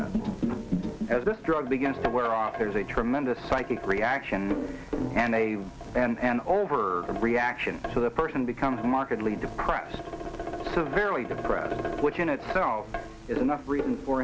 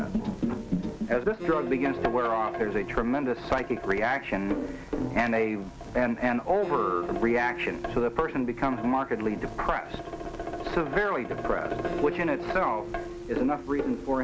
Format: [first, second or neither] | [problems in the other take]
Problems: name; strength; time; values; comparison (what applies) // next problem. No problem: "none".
first | background sound (Acoustic guitar); 12 dB below the speech